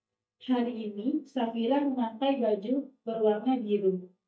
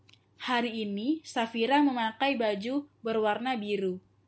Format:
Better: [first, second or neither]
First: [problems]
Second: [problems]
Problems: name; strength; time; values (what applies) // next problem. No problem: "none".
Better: second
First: noise reduction (neural mask model DeepFilterNet 3)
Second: none